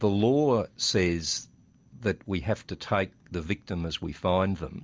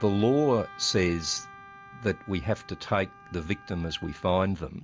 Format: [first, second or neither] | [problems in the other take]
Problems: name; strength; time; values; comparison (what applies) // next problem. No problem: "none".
first | background sound (Wind instrument, woodwind instrument); 20 dB below the speech